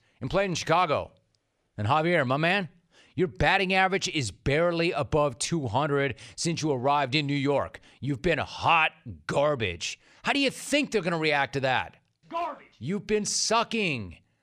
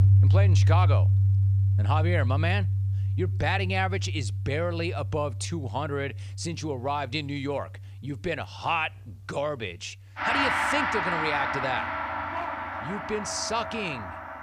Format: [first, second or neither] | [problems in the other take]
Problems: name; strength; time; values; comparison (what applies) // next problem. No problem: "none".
first | background music; very loud; throughout; 5 dB above the speech